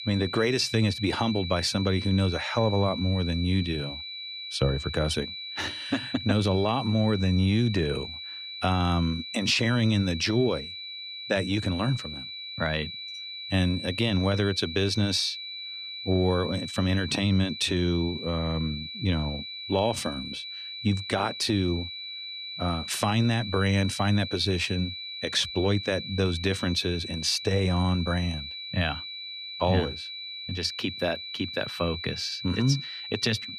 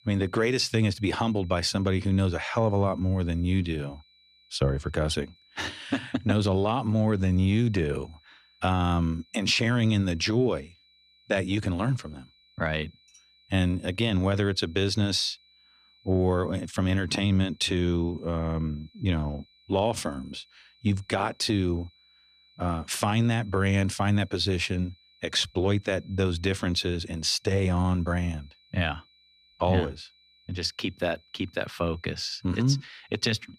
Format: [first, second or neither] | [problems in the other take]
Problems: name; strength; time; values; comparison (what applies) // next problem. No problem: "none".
second | high-pitched whine; loud; throughout; 4 kHz, 8 dB below the speech; faint in the second